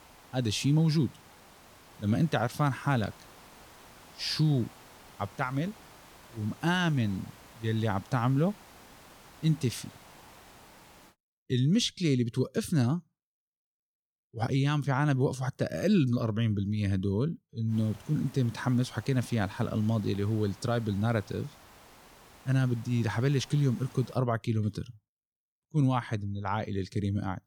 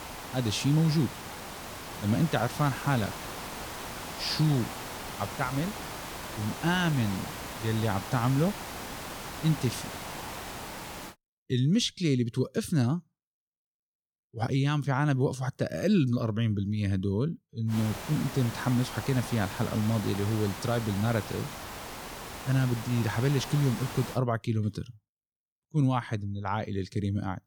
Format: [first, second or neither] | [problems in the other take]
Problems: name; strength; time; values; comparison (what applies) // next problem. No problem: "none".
first | hiss; loud; until 11 s and from 18 to 24 s; 9 dB below the speech; faint in the first